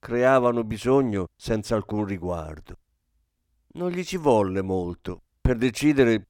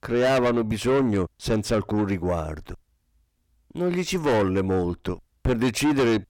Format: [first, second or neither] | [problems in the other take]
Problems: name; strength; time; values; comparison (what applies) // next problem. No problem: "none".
first | distortion; heavy; 7 dB below the speech